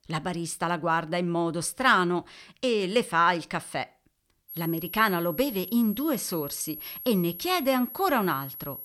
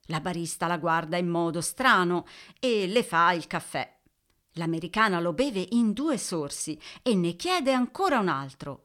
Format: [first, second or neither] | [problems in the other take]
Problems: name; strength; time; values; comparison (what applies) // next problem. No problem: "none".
second | high-pitched whine; noticeable; from 4.5 s on; 11.5 kHz, 10 dB below the speech